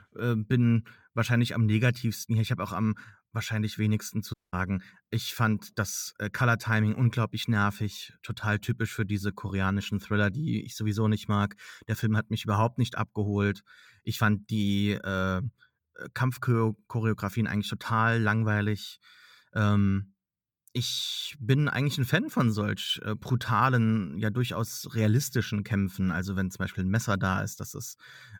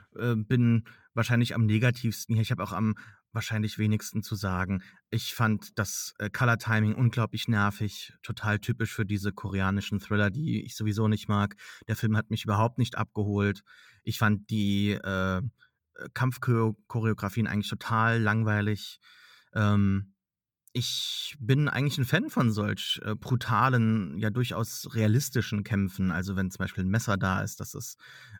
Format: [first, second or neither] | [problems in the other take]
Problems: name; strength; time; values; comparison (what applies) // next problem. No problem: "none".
second | audio cutting out; at 4.5 s